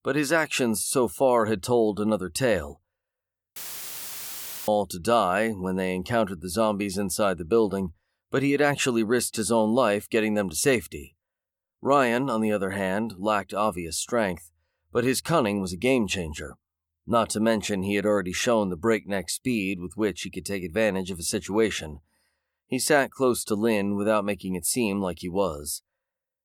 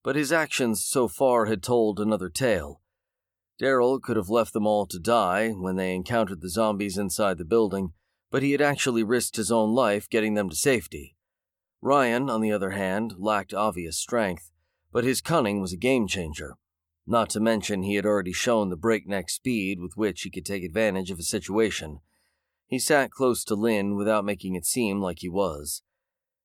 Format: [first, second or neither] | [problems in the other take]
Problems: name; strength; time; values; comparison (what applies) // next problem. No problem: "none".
second | audio cutting out; filled with static; at 3.5 s for 1 s